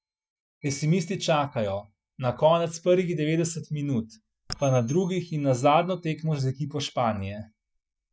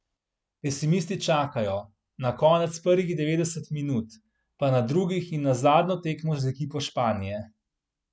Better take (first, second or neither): second